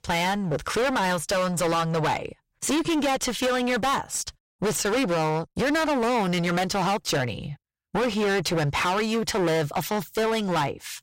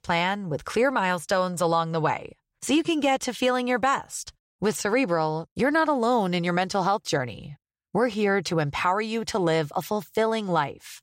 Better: second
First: distortion; heavy; 29% of the sound clipped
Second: none

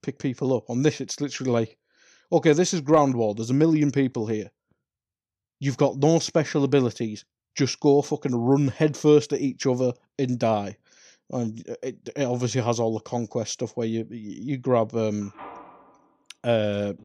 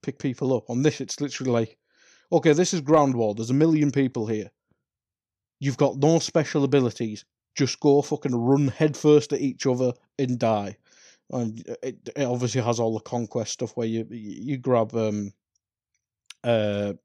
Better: second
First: phone ringing; faint; from 15 s on; peak 15 dB below the speech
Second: none

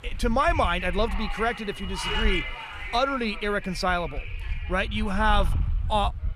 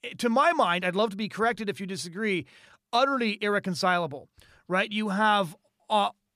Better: second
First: wind noise on the microphone; heavy; 9 dB below the speech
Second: none

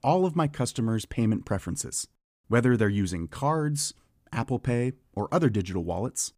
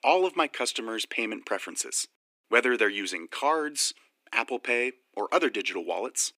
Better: first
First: none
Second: thin; very; fading below 300 Hz

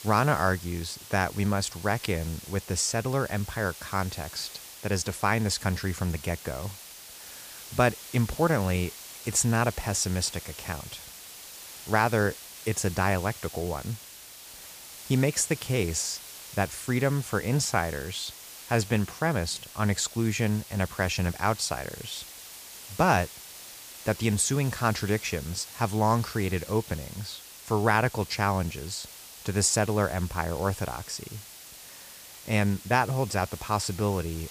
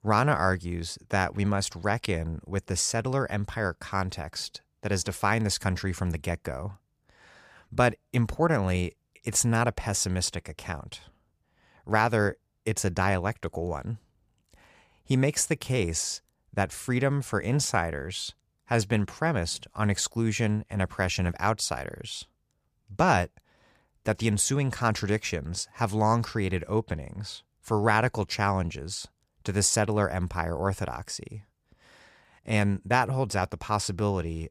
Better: second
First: hiss; noticeable; throughout; 15 dB below the speech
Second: none

